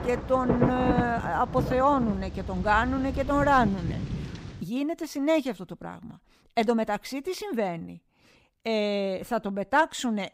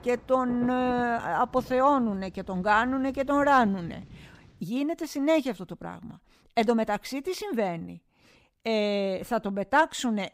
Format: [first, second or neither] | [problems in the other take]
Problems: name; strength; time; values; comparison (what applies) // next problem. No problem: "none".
second | rain or running water; loud; until 4.5 s; 5 dB below the speech; faint in the second